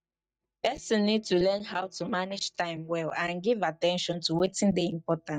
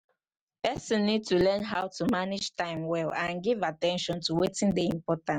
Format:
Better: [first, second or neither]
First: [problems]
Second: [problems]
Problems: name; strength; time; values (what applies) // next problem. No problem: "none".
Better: second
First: noise reduction (neural mask model DeepFilterNet 3)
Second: none